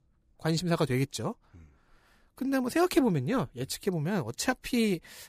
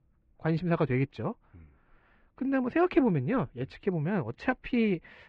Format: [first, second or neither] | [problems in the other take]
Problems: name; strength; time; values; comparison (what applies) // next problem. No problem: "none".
first | muffled; very; fading above 2.5 kHz